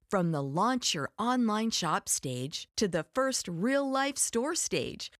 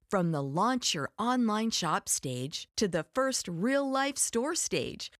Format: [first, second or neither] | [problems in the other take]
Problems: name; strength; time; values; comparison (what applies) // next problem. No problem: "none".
neither | none